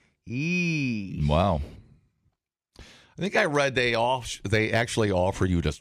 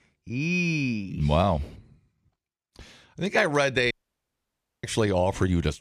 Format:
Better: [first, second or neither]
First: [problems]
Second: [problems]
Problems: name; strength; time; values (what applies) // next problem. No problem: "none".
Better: first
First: none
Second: audio cutting out; at 4 s for 1 s